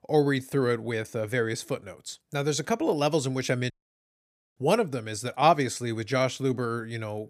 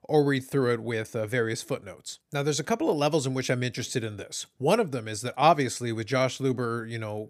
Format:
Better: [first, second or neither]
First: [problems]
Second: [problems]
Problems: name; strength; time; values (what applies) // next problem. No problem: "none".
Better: second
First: audio cutting out; at 3.5 s for 1 s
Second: none